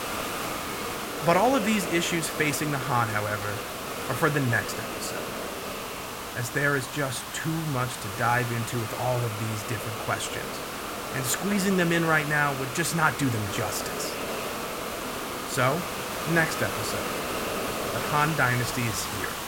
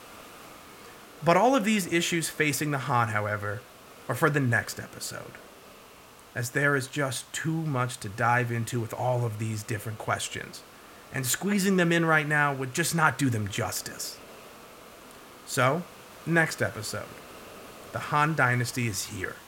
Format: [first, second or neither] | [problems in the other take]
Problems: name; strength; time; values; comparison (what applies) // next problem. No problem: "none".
second | hiss; loud; throughout; 5 dB below the speech; faint in the second